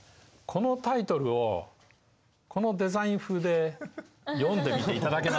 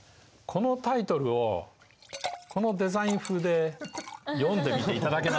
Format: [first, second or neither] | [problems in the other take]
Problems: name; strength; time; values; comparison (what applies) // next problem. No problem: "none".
first | background sound (Liquid); 17 dB below the speech